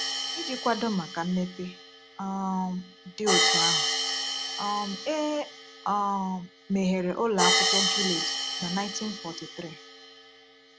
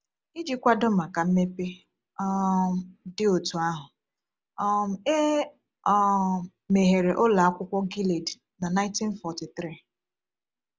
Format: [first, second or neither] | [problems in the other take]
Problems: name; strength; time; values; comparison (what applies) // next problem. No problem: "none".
second | background sound (Hi-hat); as loud as the speech